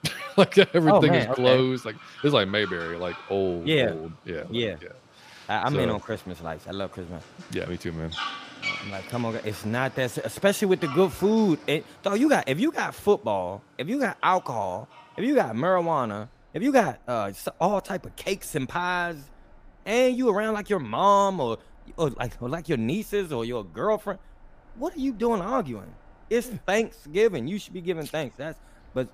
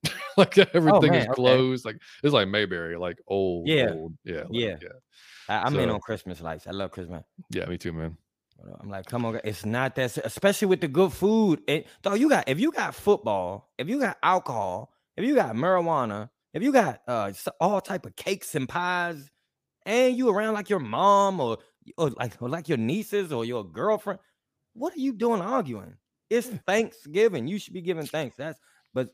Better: second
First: animal sounds; noticeable; throughout; 15 dB below the speech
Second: none

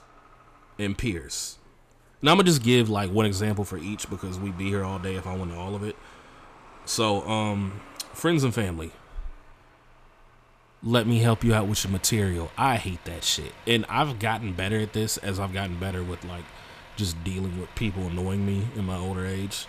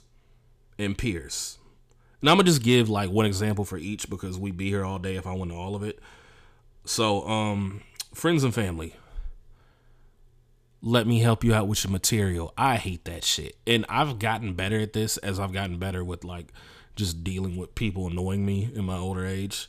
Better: second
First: traffic noise; faint; throughout; 20 dB below the speech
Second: none

